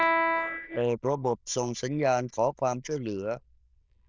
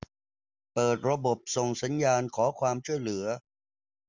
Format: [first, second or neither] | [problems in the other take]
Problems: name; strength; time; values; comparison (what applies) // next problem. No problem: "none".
second | noise reduction (neural diffusion model UNIVERSE++)